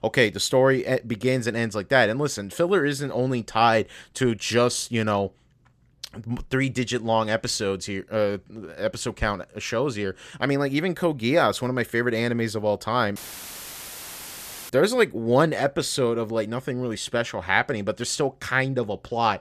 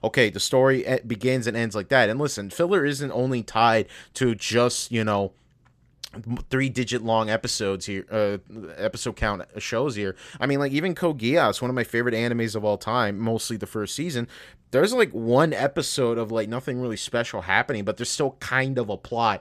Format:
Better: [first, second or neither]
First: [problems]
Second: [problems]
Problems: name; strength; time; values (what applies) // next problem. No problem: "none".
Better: second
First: audio cutting out; filled with static; at 13 s for 1.5 s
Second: none